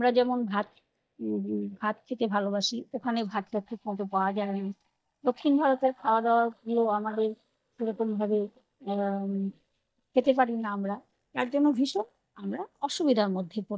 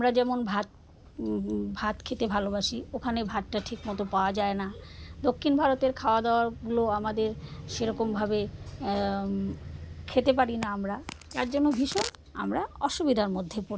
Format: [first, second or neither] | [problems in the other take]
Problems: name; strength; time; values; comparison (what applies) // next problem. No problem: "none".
second | noise reduction (neural mask model DeepFilterNet 3)